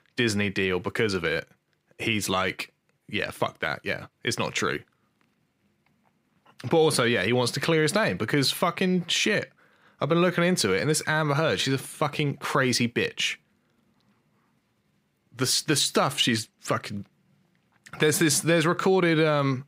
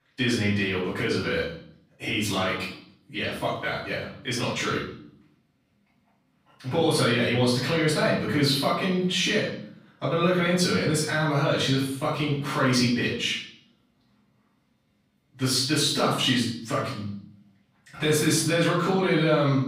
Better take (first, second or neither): first